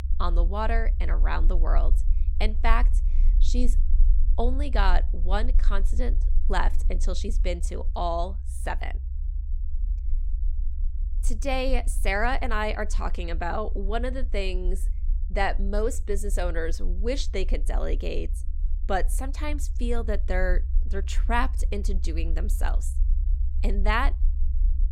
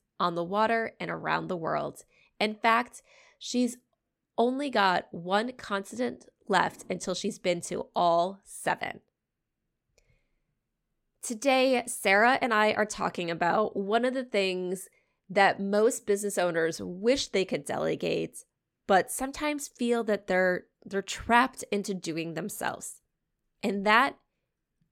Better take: second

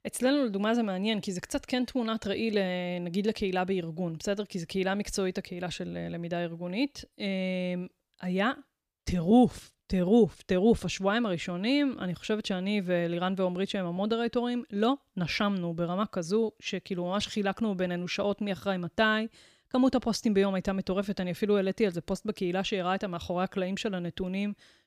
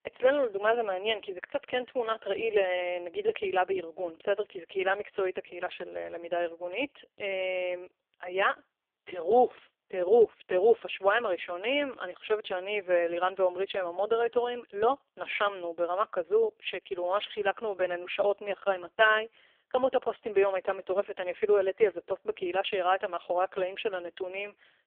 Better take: first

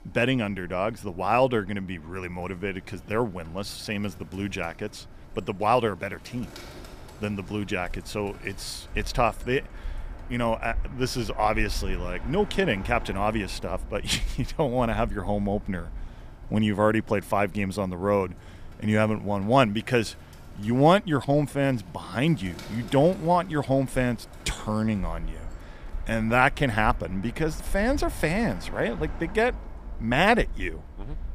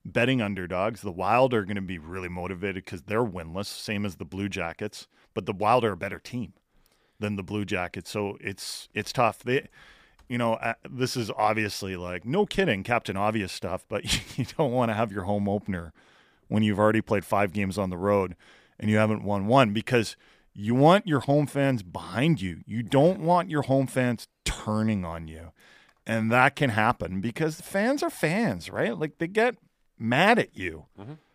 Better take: second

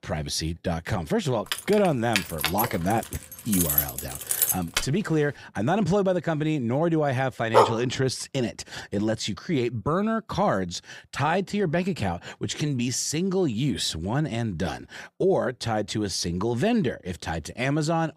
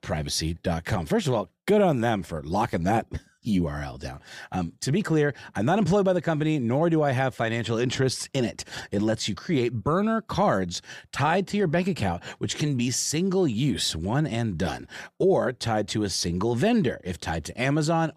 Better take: second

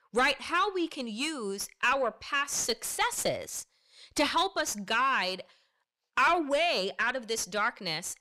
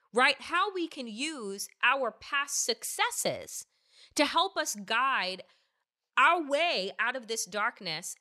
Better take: second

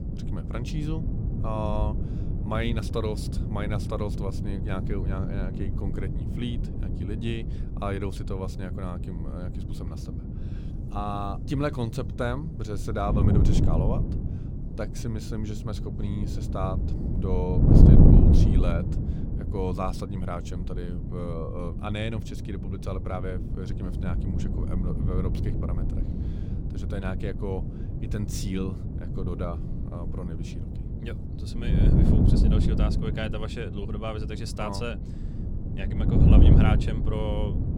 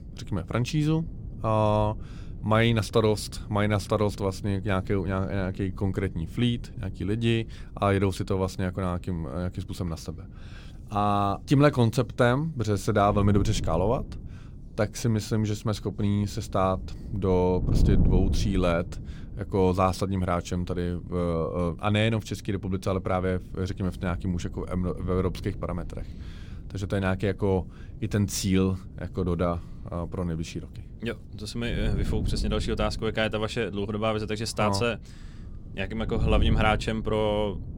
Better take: second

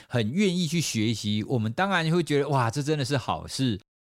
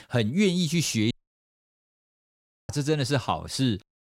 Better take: first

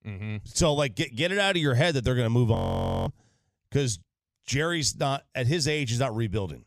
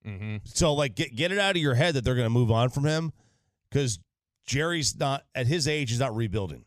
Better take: second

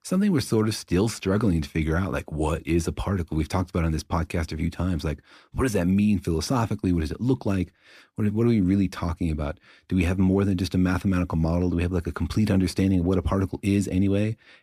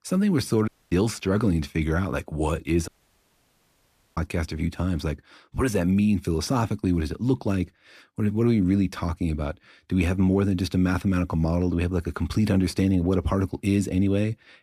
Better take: first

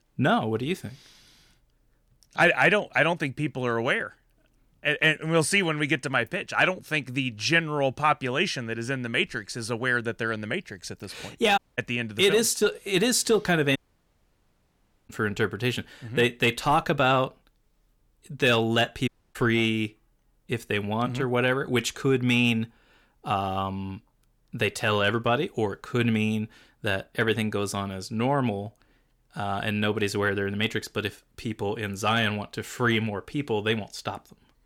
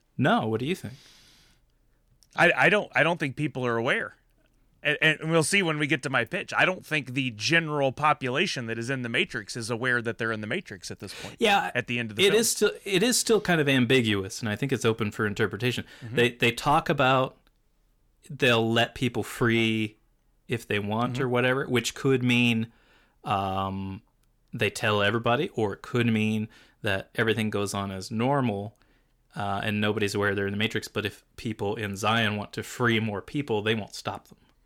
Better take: second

